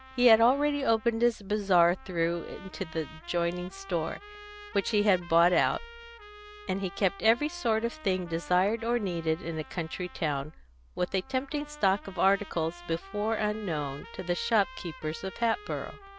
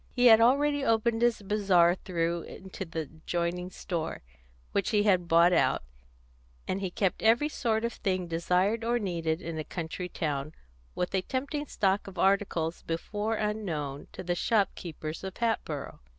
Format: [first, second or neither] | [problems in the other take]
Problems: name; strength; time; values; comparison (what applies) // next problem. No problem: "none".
second | background sound (Trumpet); 19 dB below the speech